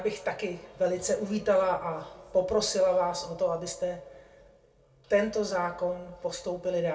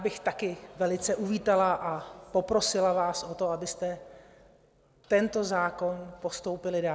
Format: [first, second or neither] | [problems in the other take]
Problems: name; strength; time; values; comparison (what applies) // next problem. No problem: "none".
second | room echo; dies away in 0.3 s